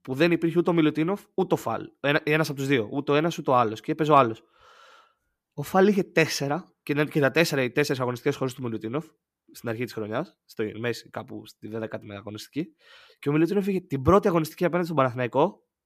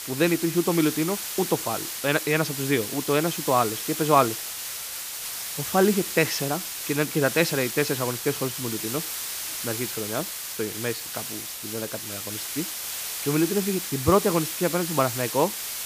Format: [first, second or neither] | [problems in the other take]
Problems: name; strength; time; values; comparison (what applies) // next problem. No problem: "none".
first | hiss; loud; throughout; 4 dB below the speech